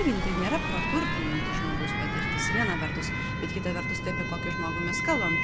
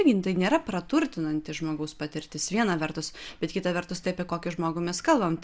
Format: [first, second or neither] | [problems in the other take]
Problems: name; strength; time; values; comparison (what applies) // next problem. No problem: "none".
second | background sound (Fixed-wing aircraft, airplane + Alarm); 3 dB above the speech